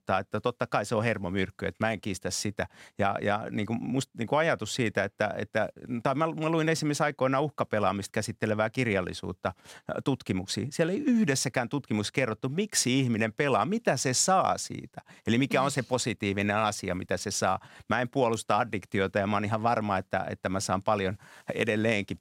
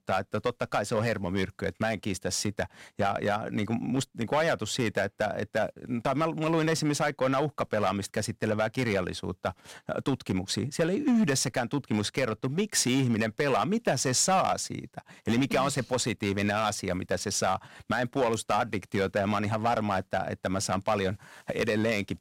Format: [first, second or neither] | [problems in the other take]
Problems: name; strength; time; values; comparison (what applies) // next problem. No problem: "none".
first | distortion; slight; 4% of the sound clipped